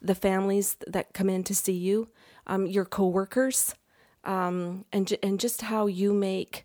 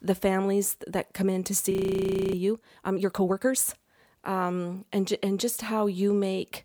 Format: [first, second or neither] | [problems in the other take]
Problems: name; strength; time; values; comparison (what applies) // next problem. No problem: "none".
first | audio freezing; at 1.5 s for 0.5 s